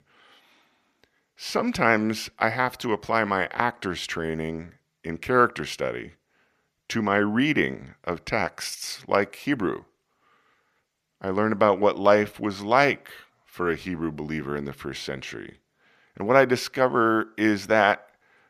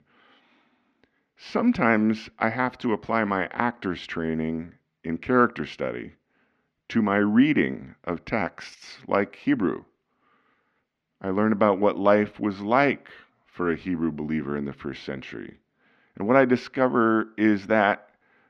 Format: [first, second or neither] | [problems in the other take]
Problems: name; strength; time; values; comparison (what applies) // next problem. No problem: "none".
first | muffled; slightly; fading above 3 kHz